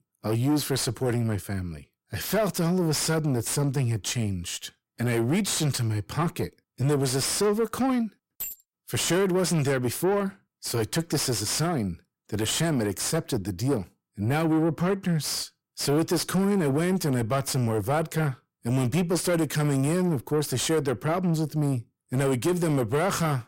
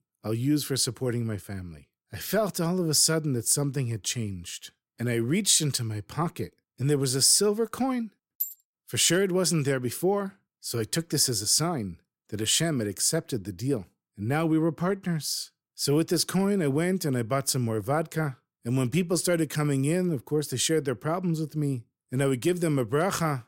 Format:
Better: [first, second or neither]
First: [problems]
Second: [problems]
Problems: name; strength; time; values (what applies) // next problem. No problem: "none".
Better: second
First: distortion; heavy; 7 dB below the speech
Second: none